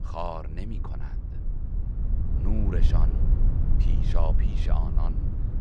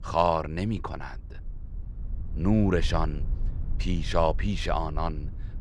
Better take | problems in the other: second | low rumble; loud; throughout; 5 dB below the speech; faint in the second

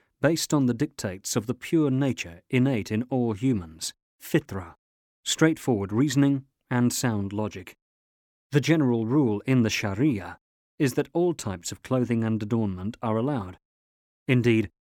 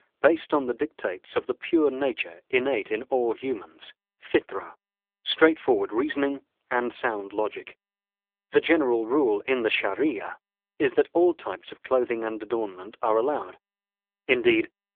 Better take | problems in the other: first | phone-call audio; poor line; nothing above 3.5 kHz

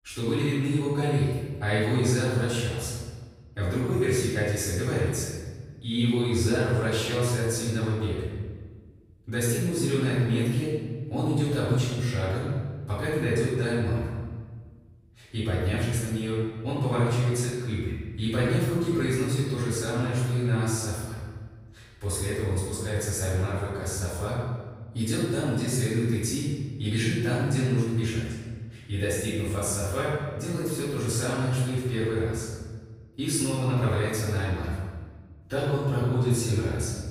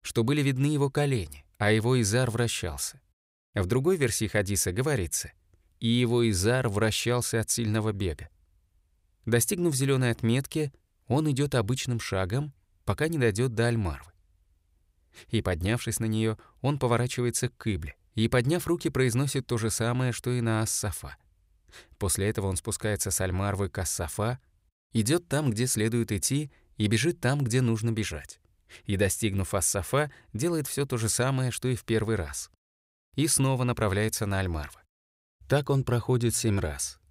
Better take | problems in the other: second | off-mic speech; far // room echo; strong; dies away in 1.4 s

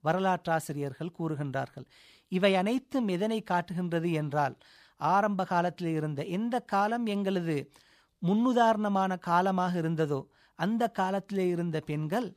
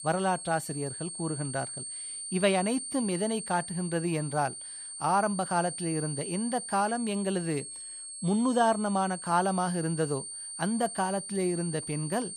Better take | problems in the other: first | high-pitched whine; loud; throughout; 8.5 kHz, 7 dB below the speech

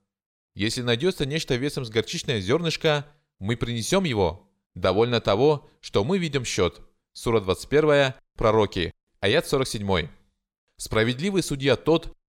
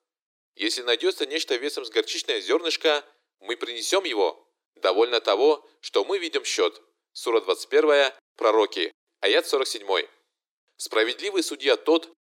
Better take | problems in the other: first | thin; very; fading below 300 Hz

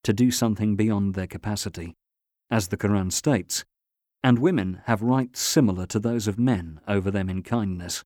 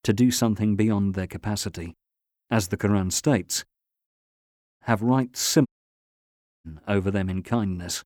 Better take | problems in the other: first | audio cutting out; at 4 s for 0.5 s and at 5.5 s for 1 s

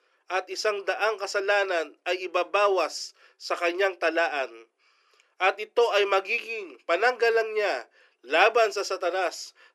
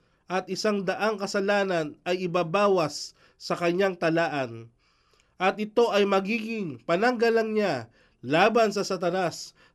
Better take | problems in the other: second | thin; very; fading below 350 Hz

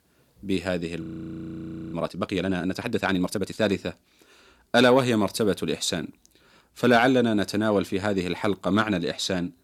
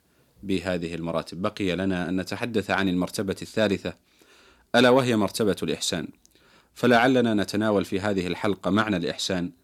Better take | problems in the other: second | audio freezing; at 1 s for 1 s

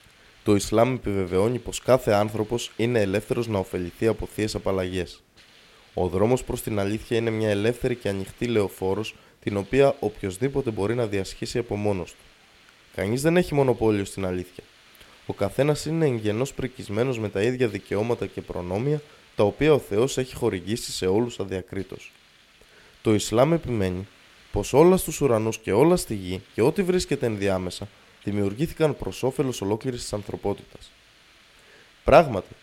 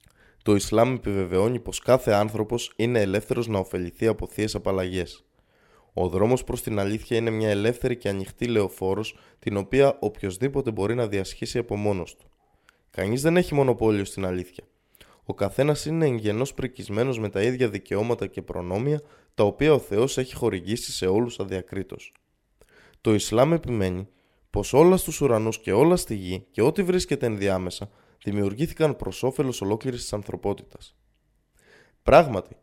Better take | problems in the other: second | hiss; faint; throughout; 25 dB below the speech

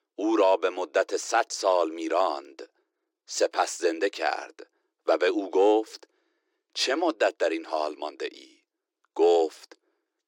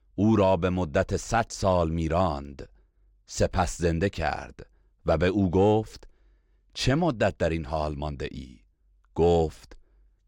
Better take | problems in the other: second | thin; very; fading below 300 Hz

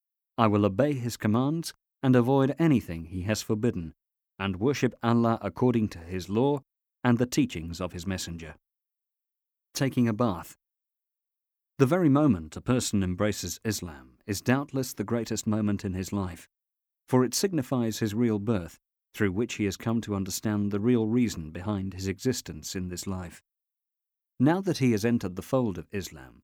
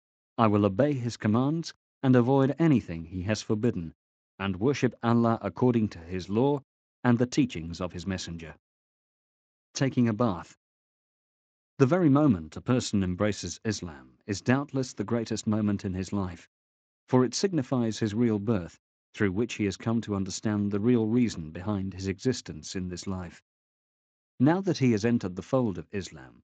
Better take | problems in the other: first | garbled, watery; slightly; nothing above 7.5 kHz

